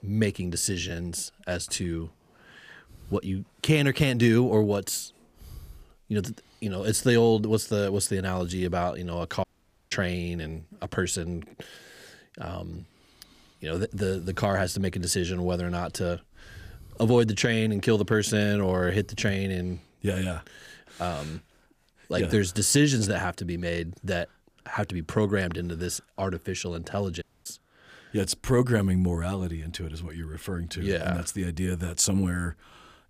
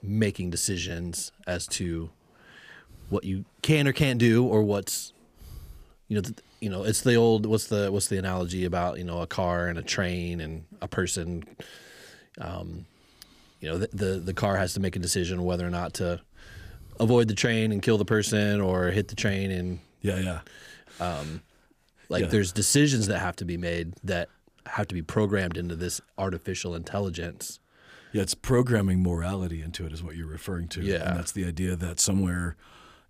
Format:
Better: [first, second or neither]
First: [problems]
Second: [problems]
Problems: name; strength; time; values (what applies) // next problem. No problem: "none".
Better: second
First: audio cutting out; at 9.5 s and at 27 s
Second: none